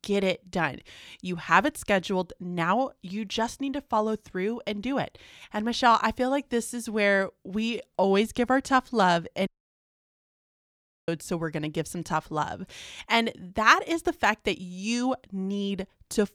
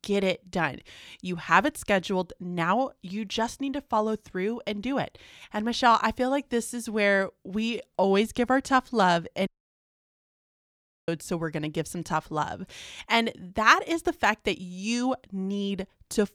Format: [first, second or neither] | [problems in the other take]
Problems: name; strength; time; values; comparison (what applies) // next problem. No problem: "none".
neither | audio cutting out; at 9.5 s for 1.5 s; the same in both